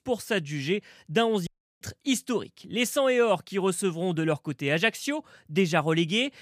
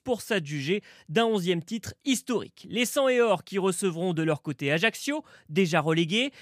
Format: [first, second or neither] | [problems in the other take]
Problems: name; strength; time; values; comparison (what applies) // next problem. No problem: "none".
second | audio cutting out; at 1.5 s